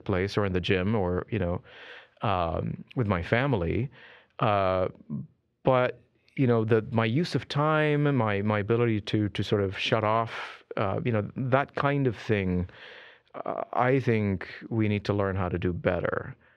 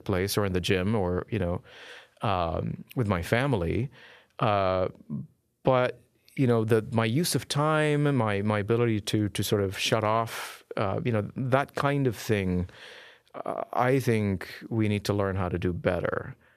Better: second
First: muffled; slightly; fading above 3 kHz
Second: none

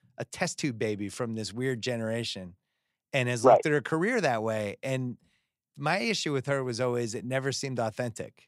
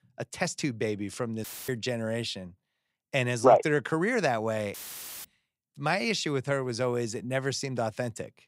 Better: first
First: none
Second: audio cutting out; filled with static; at 1.5 s and at 4.5 s for 0.5 s

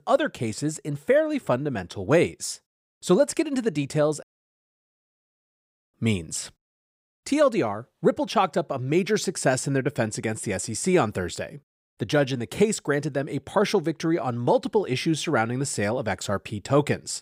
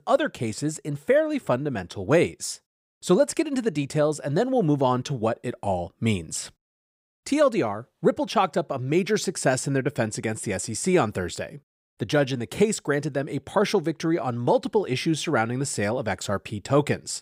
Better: second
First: audio cutting out; at 4 s for 1.5 s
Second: none

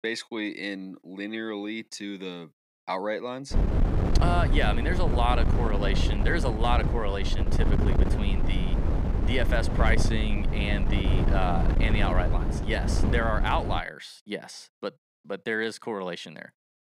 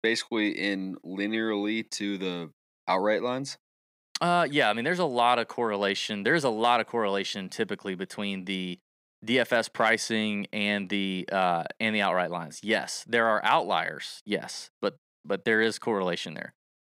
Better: second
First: wind noise on the microphone; heavy; from 3.5 to 14 s; 5 dB below the speech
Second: none

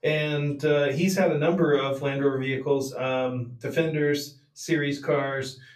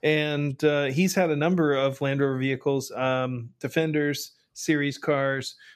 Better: second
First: off-mic speech; far // room echo; very slight; dies away in 0.3 s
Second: none

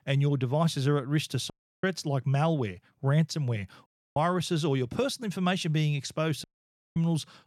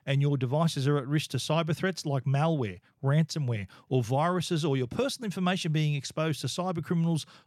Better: second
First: audio cutting out; at 1.5 s, at 4 s and at 6.5 s for 0.5 s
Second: none

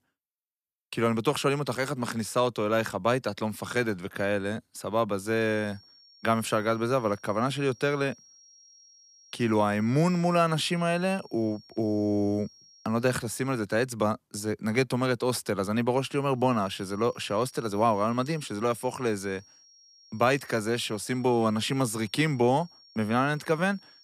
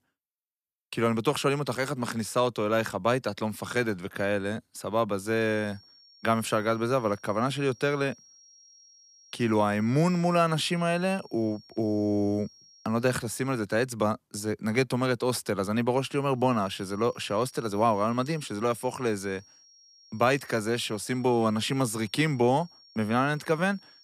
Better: neither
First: high-pitched whine; faint; from 5.5 to 13 s and from 16 s on; 5.5 kHz, 25 dB below the speech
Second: high-pitched whine; faint; from 5.5 to 13 s and from 16 s on; 5.5 kHz, 25 dB below the speech

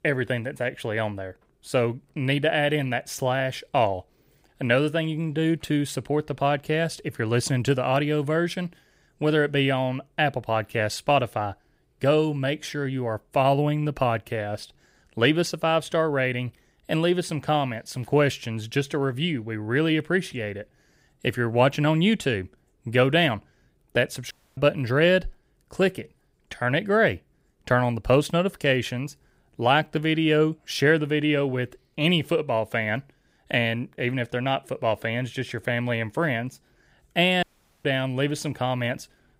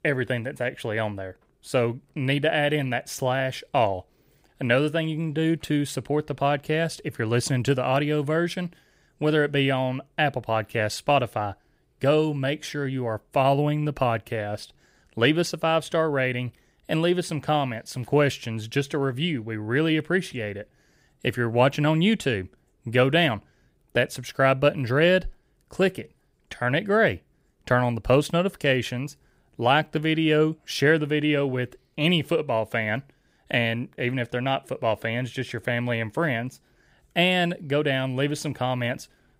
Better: second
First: audio cutting out; at 24 s and at 37 s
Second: none

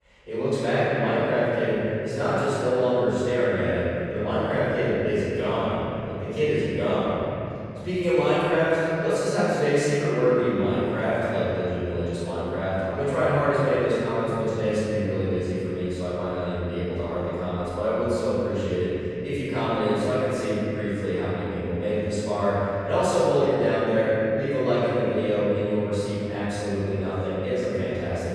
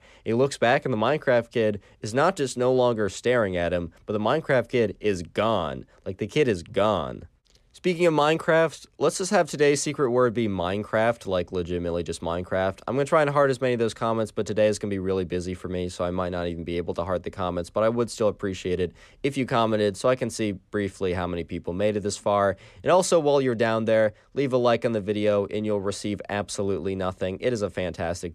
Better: second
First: room echo; strong; dies away in 3 s // off-mic speech; far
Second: none

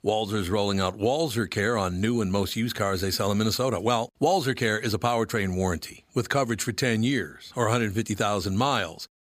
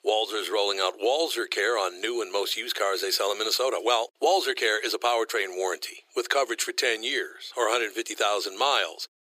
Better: first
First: none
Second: thin; very; fading below 350 Hz

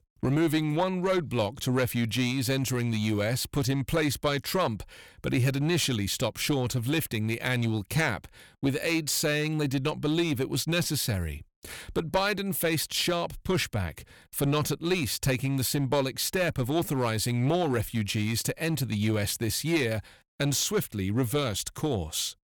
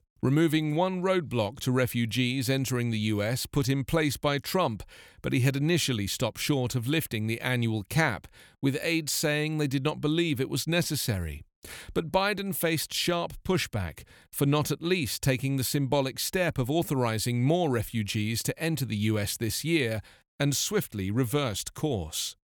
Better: second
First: distortion; slight; 6% of the sound clipped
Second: none

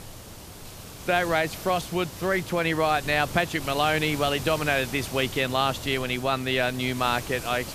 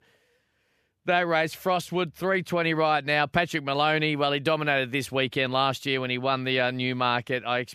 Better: second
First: hiss; noticeable; throughout; 10 dB below the speech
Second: none

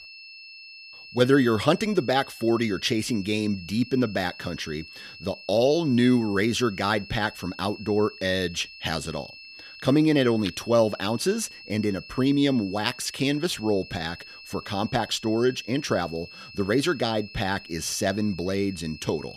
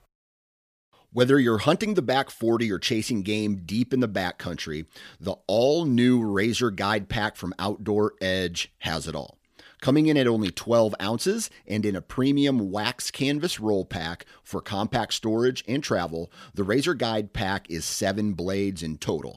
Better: second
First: high-pitched whine; noticeable; throughout; 2.5 kHz, 15 dB below the speech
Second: none

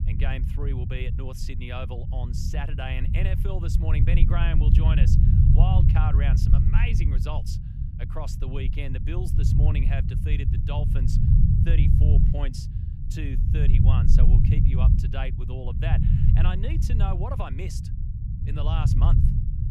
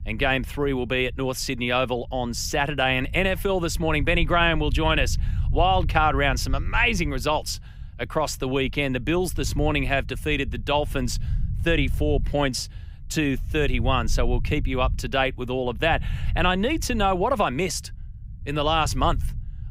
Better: second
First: low rumble; loud; throughout; 1 dB below the speech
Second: low rumble; faint; throughout; 25 dB below the speech

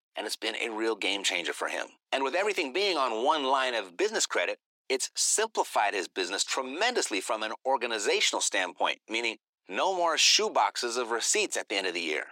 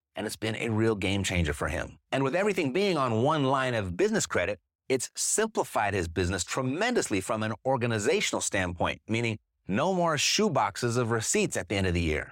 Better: second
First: thin; very; fading below 300 Hz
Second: none

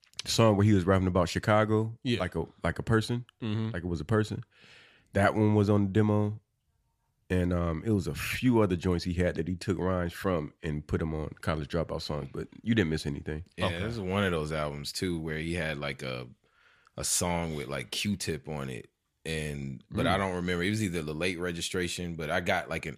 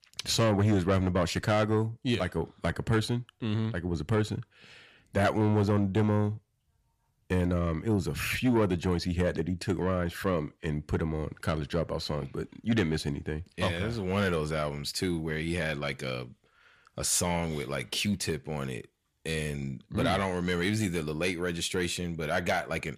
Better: first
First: none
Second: distortion; slight; 10 dB below the speech

